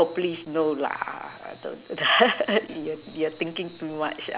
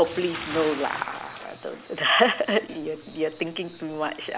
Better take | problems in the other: first | background sound (Bathtub (filling or washing) / Splash, splatter); 14 dB below the speech

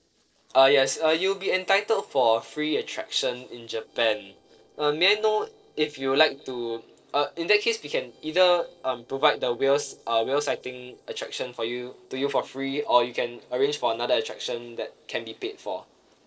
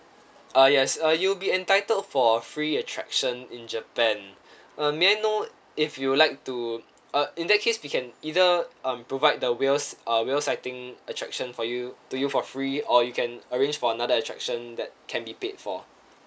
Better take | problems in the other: second | noise reduction (neural separator model SepFormer DNS4)

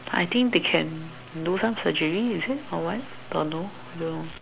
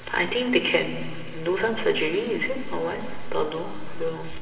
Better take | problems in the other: first | room echo; dies away in 2.3 s

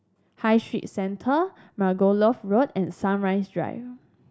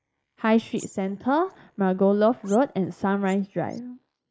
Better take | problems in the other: first | noise reduction (neural mask model Resemble Enhance denoiser)

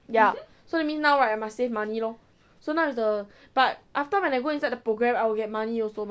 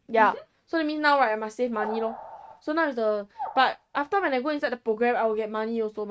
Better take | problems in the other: first | noise reduction (neural mask model RNNoise)

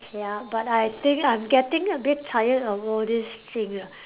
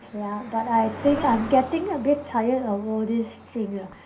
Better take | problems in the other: first | background sound (Cricket); 15 dB below the speech // room echo; dies away in 0.3 s

